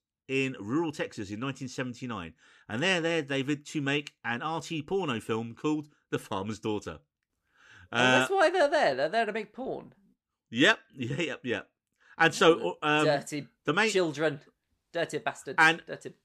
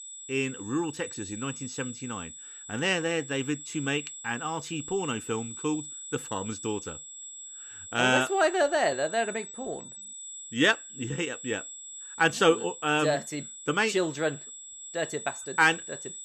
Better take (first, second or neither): first